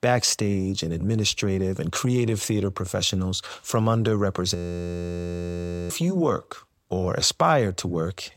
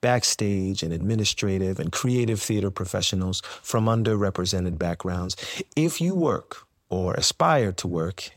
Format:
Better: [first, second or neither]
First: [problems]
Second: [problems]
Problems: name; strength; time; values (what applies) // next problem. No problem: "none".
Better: second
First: audio freezing; at 4.5 s for 1.5 s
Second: none